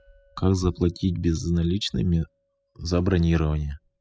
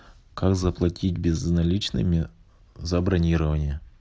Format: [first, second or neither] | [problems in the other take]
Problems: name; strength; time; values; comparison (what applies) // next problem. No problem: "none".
second | noise reduction (classical method spectral subtraction)